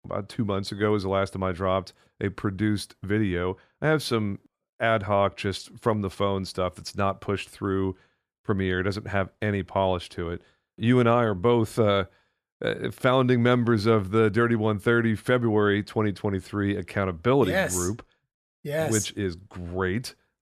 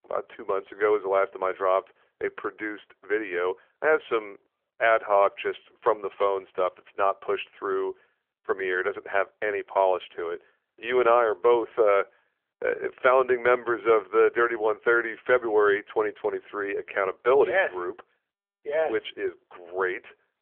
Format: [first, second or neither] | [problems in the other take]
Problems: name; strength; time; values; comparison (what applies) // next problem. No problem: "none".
first | phone-call audio; nothing above 3.5 kHz